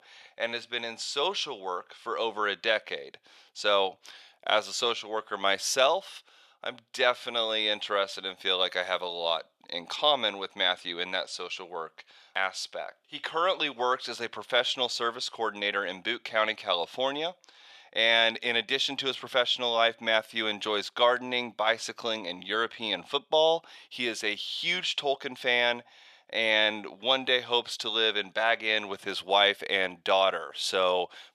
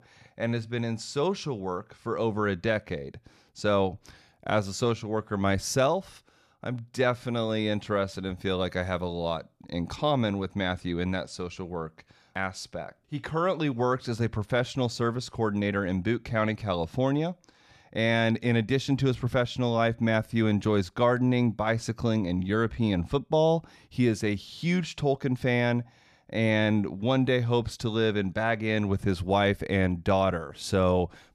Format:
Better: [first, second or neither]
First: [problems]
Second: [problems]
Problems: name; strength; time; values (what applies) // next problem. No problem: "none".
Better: second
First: thin; very; fading below 650 Hz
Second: none